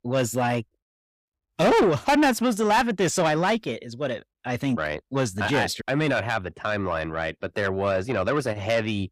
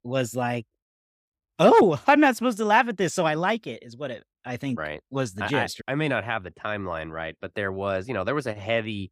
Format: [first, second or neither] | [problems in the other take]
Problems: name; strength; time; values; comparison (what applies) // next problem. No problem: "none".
second | distortion; heavy; 7 dB below the speech